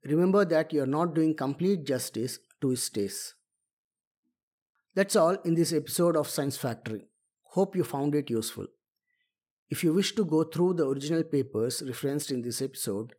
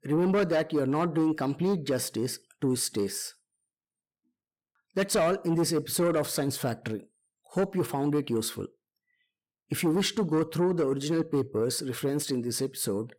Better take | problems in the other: first | distortion; slight; 10 dB below the speech

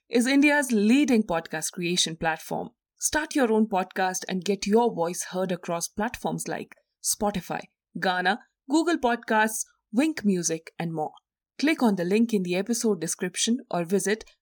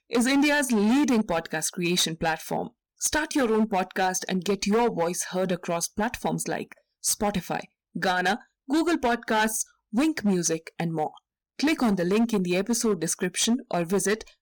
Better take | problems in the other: first | distortion; slight; 10% of the sound clipped

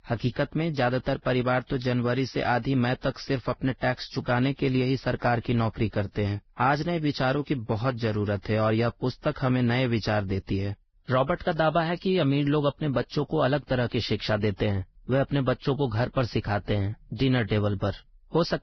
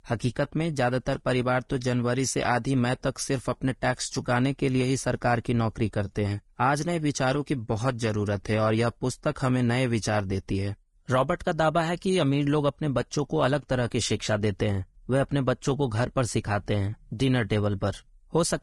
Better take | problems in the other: second | garbled, watery; badly; nothing above 5.5 kHz; slightly in the second

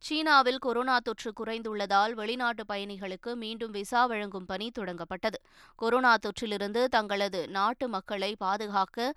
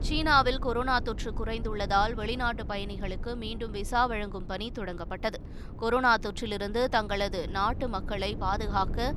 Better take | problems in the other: first | low rumble; faint; throughout; 20 dB below the speech

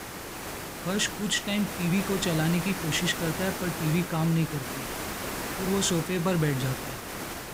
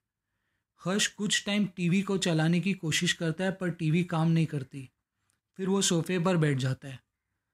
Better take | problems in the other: second | hiss; loud; throughout; 6 dB below the speech

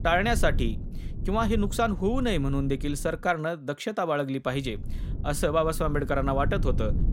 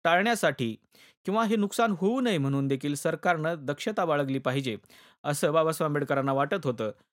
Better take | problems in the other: second | low rumble; noticeable; until 3 s and from 4.5 s on; 20 dB below the speech

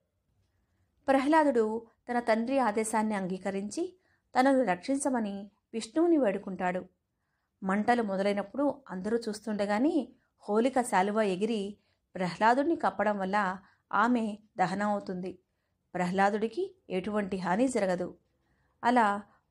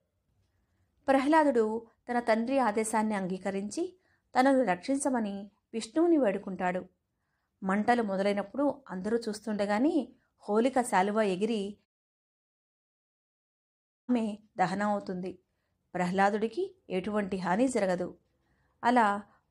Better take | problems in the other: first | audio cutting out; at 12 s for 2 s

